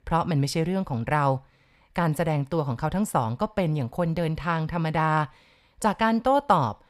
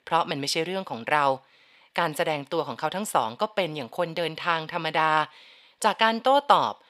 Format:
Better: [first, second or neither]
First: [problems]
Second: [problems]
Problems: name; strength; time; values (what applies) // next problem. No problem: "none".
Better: first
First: none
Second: thin; somewhat; fading below 350 Hz